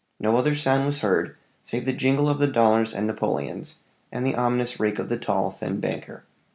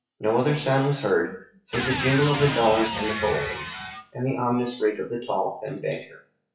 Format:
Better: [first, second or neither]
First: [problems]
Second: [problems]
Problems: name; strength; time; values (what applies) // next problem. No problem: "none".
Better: first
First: none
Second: noise reduction (classical method WPE with log-MMSE)